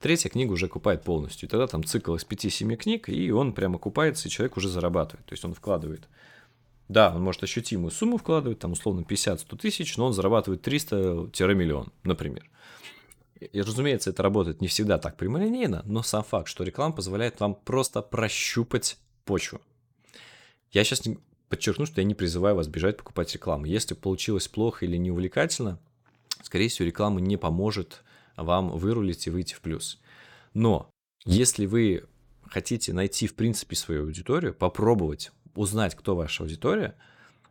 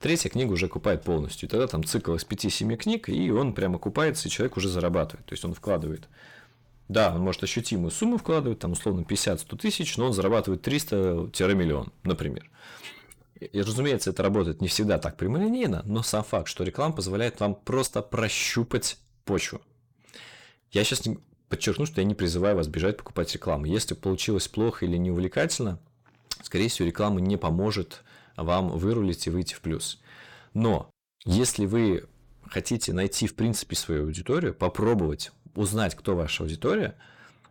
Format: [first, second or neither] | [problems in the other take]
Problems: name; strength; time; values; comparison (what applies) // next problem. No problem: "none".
first | distortion; slight; 10 dB below the speech